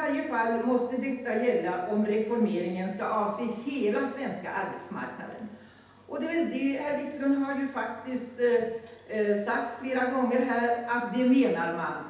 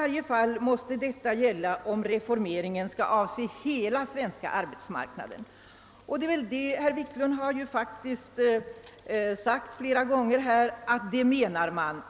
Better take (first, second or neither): second